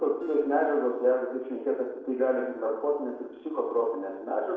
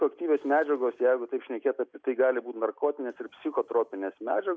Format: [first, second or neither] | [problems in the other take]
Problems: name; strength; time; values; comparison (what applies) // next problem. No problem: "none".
second | noise reduction (neural separator model SepFormer DNS4)